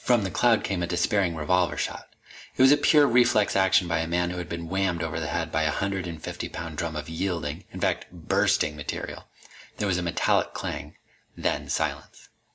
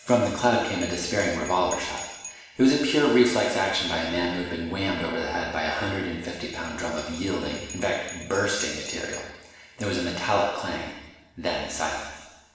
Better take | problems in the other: first | background sound (Bell); 19 dB below the speech // room echo; dies away in 1.1 s

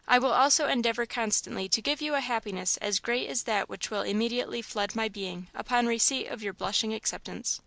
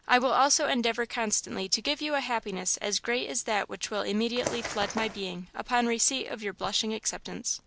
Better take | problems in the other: first | background sound (Bird); 7 dB below the speech

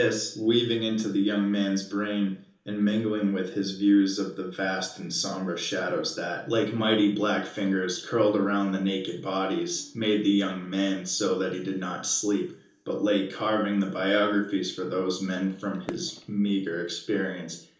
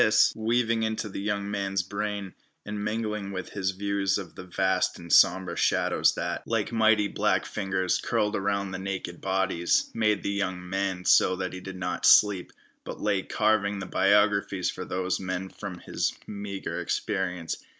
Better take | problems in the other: second | background sound (Fireworks); 20 dB below the speech // room echo; dies away in 1.2 s

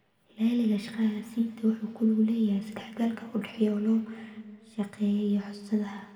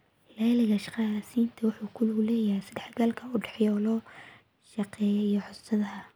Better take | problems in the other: second | room echo; dies away in 1.9 s

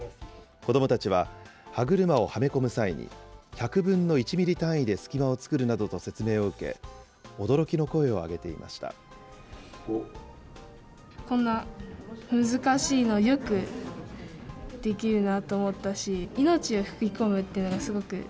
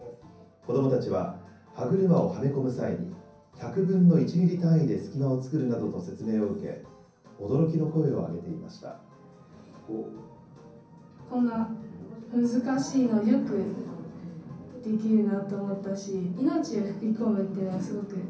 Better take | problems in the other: first | room echo; dies away in 0.6 s

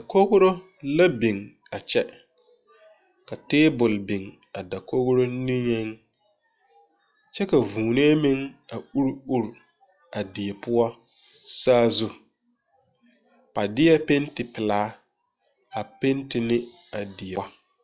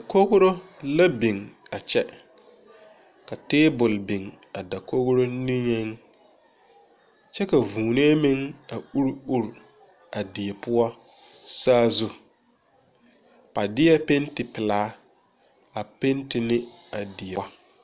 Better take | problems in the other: second | noise reduction (classical method log-MMSE)

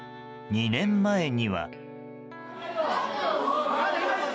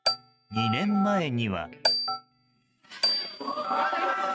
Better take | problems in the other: first | noise reduction (neural mask model RNNoise)

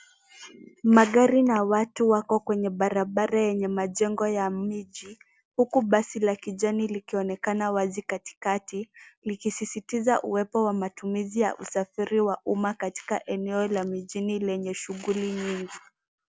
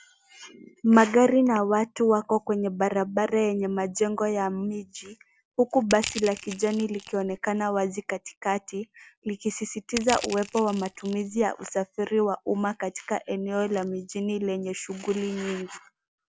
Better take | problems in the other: first | background sound (Crushing); 11 dB below the speech

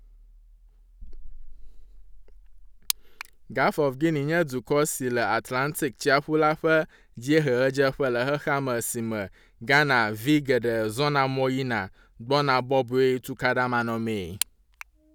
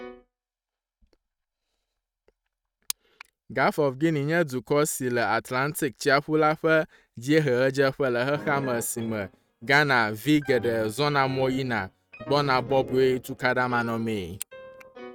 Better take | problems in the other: first | noise reduction (neural mask model RNNoise)

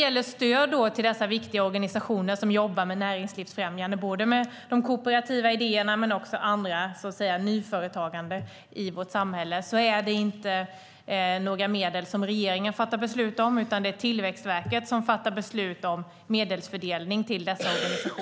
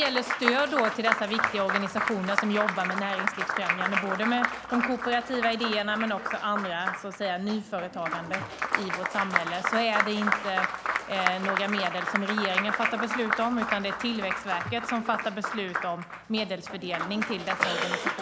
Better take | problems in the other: first | background sound (Applause); 1 dB below the speech

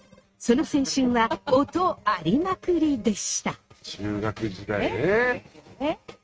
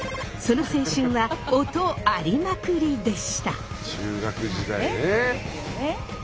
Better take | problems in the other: second | noise reduction (neural mask model RNNoise)

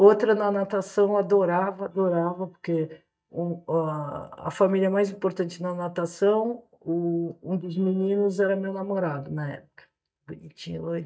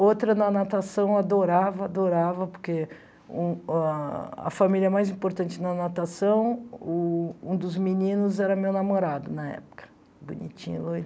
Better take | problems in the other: second | noise reduction (neural mask model DeepFilterNet 3)

